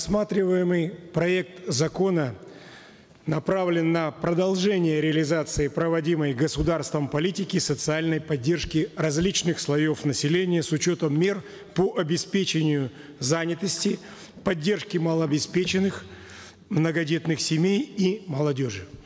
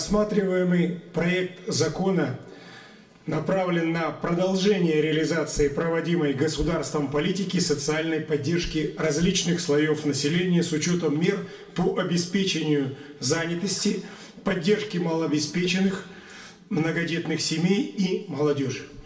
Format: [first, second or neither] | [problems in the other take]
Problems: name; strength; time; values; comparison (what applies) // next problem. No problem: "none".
first | room echo; dies away in 0.4 s